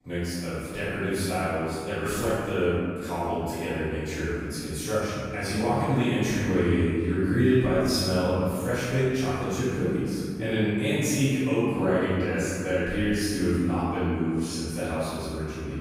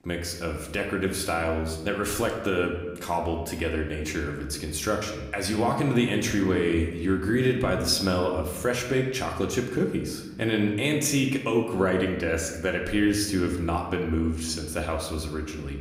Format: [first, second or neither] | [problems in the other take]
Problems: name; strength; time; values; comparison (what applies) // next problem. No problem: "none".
second | room echo; strong; dies away in 2.2 s; slight in the second // off-mic speech; far